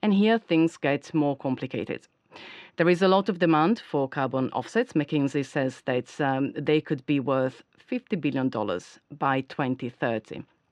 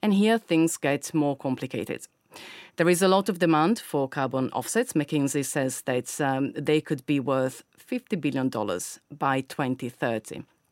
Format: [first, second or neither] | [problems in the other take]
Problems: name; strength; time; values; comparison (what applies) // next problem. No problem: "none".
second | muffled; slightly; fading above 4 kHz